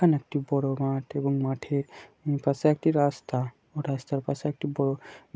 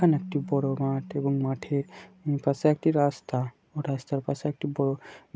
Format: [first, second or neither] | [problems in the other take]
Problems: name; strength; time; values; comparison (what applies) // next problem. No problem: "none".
first | background sound (Keyboard (musical)); 18 dB below the speech